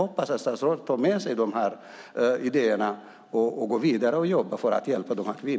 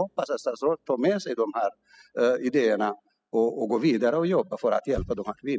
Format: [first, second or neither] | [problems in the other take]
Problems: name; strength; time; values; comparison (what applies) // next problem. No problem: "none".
first | noise reduction (classical method spectral subtraction)